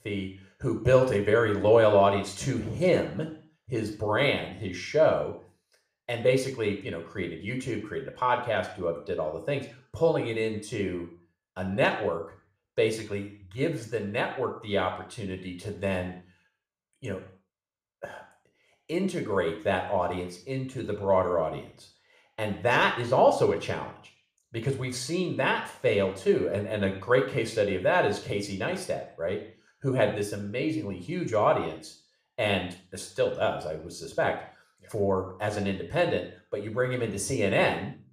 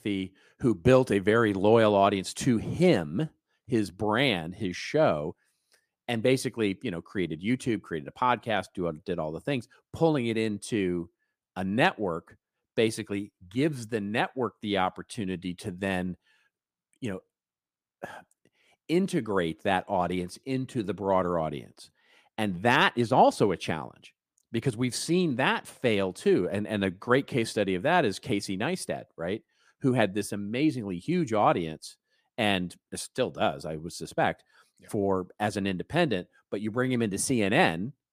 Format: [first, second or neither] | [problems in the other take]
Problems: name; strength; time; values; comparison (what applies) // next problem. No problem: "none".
second | room echo; slight; dies away in 0.5 s // off-mic speech; somewhat distant